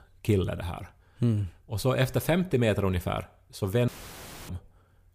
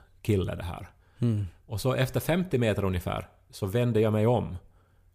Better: second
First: audio cutting out; filled with static; at 4 s for 0.5 s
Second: none

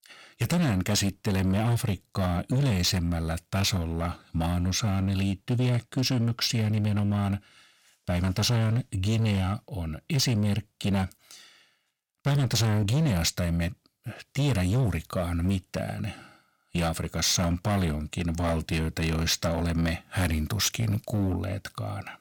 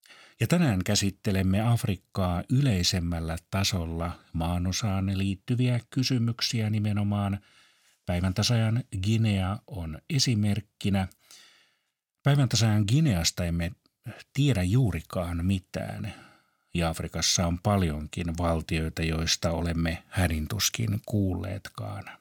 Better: second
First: distortion; slight; 13% of the sound clipped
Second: none

